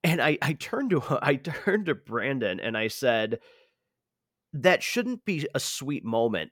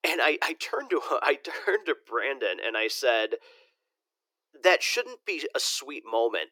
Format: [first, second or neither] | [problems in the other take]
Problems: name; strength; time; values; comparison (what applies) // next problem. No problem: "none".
first | thin; very; fading below 300 Hz